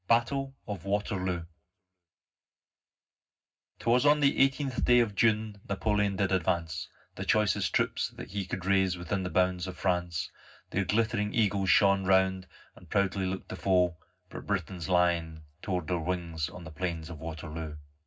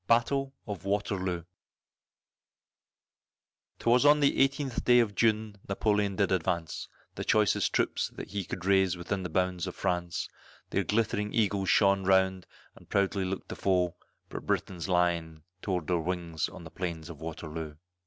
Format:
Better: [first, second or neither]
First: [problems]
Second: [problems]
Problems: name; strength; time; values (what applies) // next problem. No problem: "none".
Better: second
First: room echo; dies away in 0.4 s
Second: none